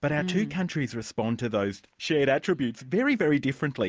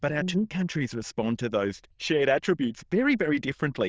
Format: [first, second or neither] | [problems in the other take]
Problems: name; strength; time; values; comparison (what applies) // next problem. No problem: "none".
first | noise reduction (neural diffusion model UNIVERSE++)